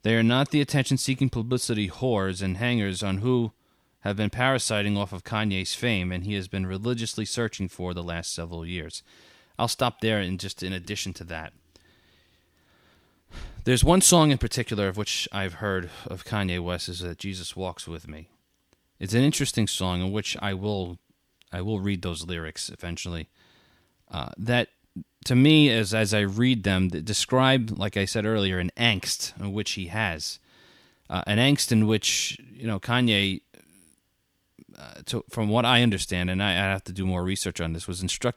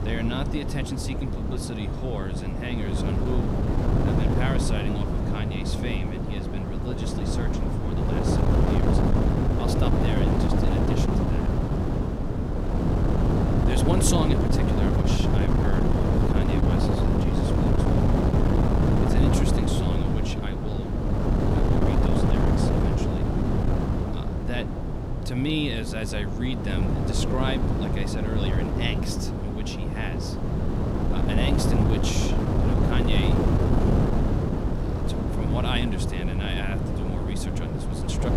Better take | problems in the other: first | wind noise on the microphone; heavy; 4 dB above the speech

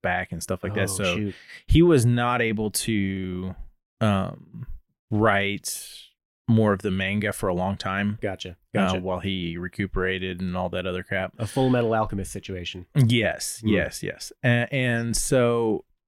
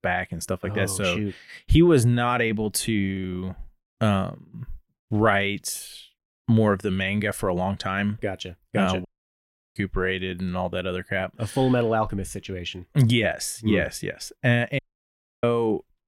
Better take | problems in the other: first | audio cutting out; at 9 s for 0.5 s and at 15 s for 0.5 s

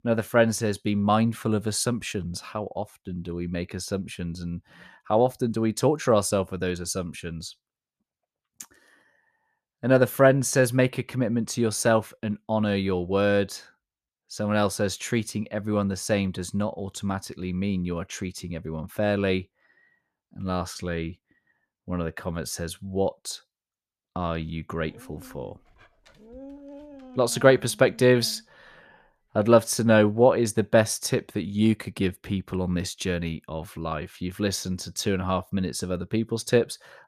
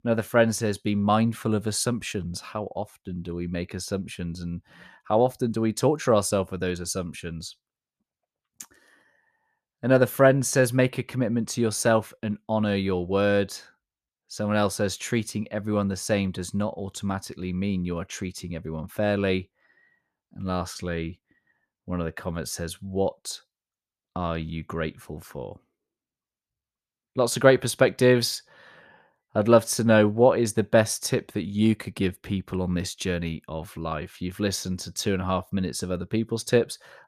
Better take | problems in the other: second | dog barking; faint; from 25 to 28 s; peak 15 dB below the speech

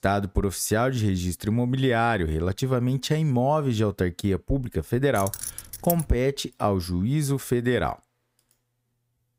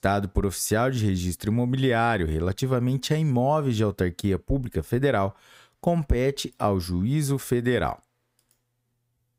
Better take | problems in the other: second | jangling keys; noticeable; at 5 s; peak 6 dB below the speech

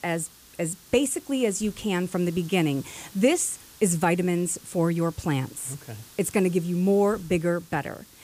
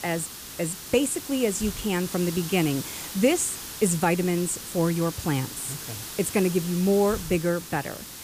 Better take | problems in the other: first | hiss; loud; throughout; 9 dB below the speech; faint in the first

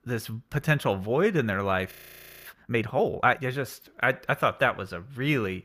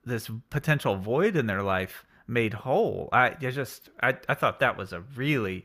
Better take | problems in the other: second | audio freezing; at 2 s for 0.5 s

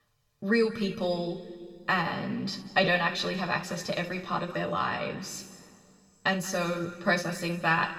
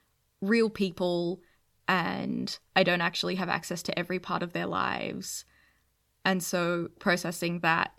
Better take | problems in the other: second | room echo; slight; dies away in 1.9 s // off-mic speech; somewhat distant

